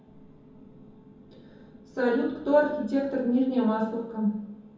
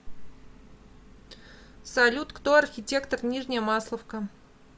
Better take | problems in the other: second | room echo; dies away in 0.9 s

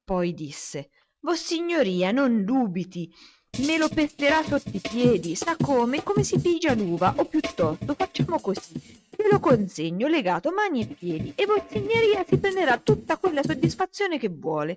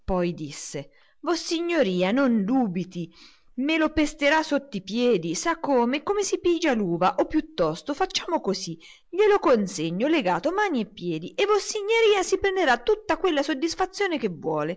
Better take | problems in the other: second | noise reduction (neural mask model RNNoise)

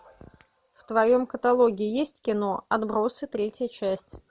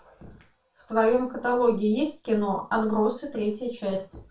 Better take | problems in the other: first | room echo; dies away in 0.3 s

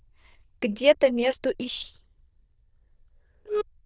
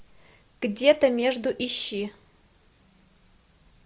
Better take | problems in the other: second | noise reduction (neural diffusion model UNIVERSE++)

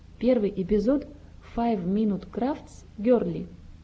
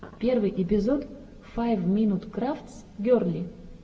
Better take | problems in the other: first | room echo; dies away in 1.2 s

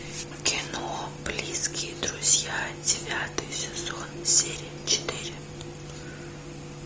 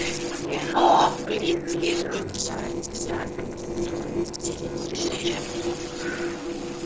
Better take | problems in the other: first | noise reduction (neural separator model SepFormer DNS4)

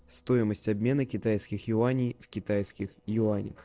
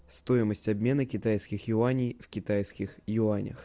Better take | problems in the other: second | noise reduction (neural separator model SepFormer DNS4)

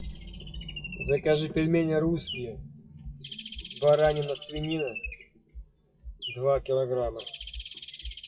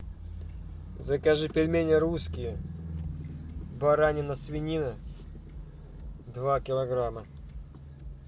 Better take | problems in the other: second | noise reduction (classical method WPE with log-MMSE)

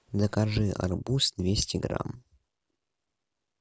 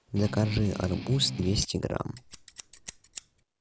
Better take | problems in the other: first | background sound (Scissors + Strum); 9 dB below the speech

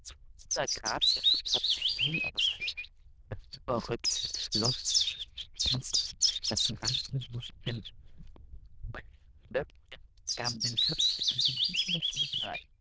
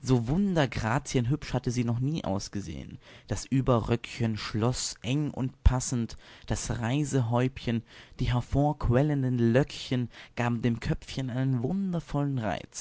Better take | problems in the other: second | noise reduction (neural diffusion model UNIVERSE++)

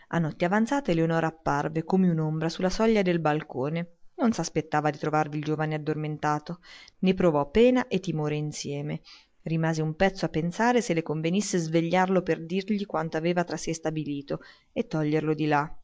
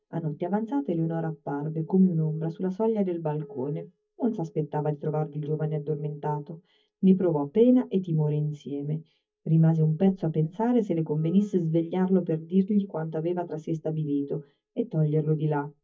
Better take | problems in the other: first | noise reduction (neural mask model DeepFilterNet 3)

